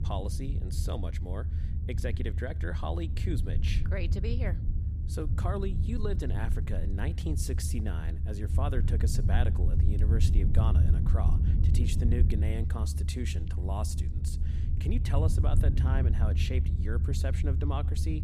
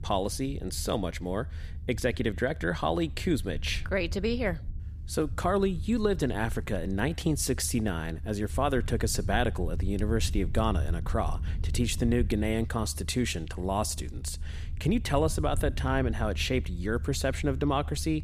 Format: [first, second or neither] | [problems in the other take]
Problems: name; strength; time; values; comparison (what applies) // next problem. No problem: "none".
second | low rumble; loud; throughout; 5 dB below the speech; faint in the second